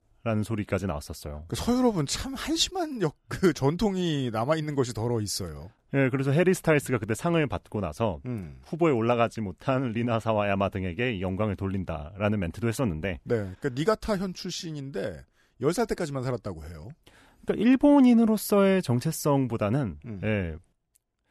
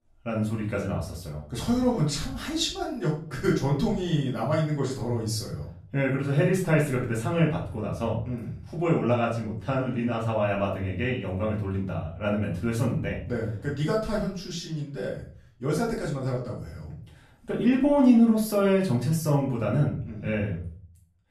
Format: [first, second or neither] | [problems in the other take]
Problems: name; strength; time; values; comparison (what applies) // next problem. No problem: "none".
first | room echo; slight; dies away in 0.5 s // off-mic speech; far